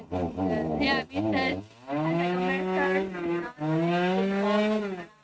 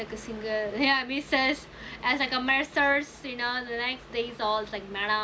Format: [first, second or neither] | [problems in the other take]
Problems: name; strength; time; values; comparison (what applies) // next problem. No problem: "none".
second | noise reduction (neural mask model RNNoise)